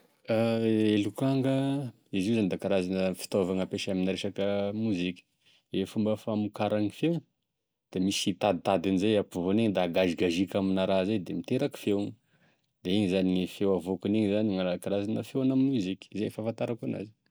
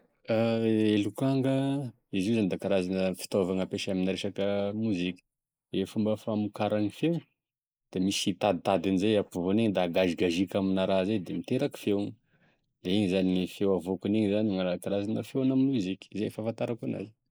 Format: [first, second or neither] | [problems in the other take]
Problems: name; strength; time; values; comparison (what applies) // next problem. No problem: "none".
first | noise reduction (neural mask model Resemble Enhance denoiser)